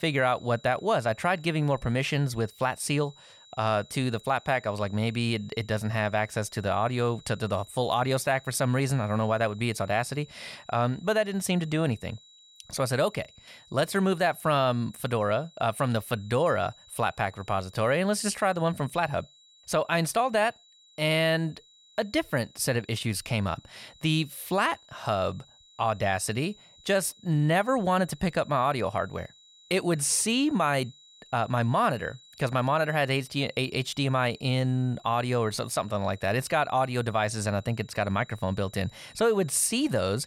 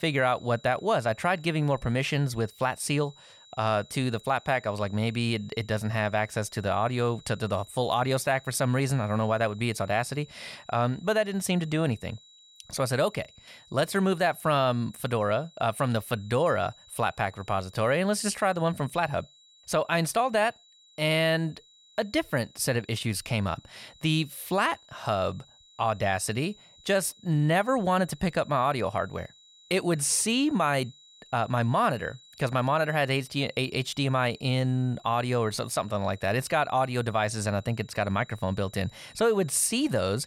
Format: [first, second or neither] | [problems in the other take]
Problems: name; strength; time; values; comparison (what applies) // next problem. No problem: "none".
neither | high-pitched whine; faint; throughout; 4 kHz, 25 dB below the speech; the same in both